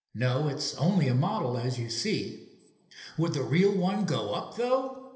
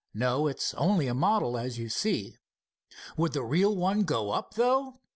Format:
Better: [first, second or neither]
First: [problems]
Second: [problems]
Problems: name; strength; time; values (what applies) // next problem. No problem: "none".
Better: second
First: room echo; dies away in 1.4 s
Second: none